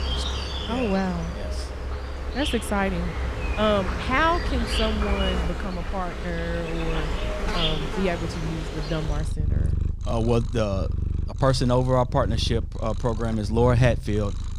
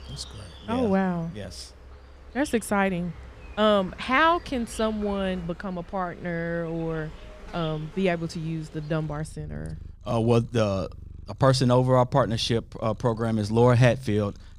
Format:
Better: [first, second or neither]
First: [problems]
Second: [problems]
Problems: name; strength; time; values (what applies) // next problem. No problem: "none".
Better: second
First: animal sounds; loud; throughout; 3 dB below the speech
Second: animal sounds; faint; throughout; 20 dB below the speech